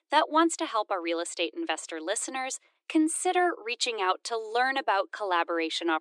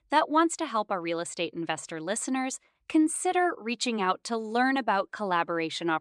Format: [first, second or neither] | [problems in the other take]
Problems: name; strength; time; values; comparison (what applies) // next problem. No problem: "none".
second | thin; very; fading below 300 Hz